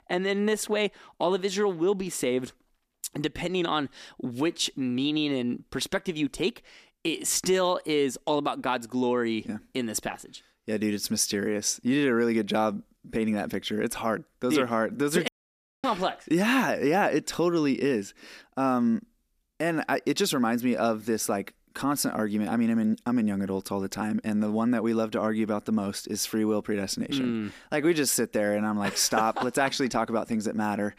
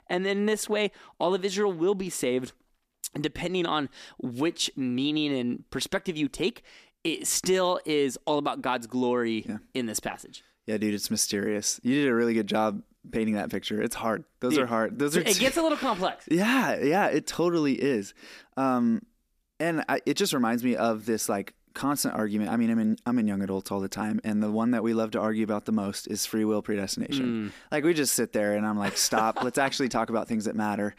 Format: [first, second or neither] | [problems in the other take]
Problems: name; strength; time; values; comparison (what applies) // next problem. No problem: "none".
second | audio cutting out; at 15 s for 0.5 s